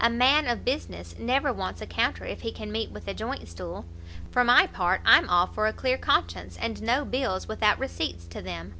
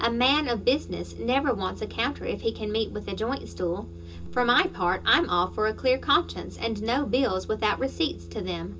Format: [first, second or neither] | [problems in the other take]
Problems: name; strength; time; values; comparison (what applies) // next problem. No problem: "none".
first | room echo; dies away in 0.2 s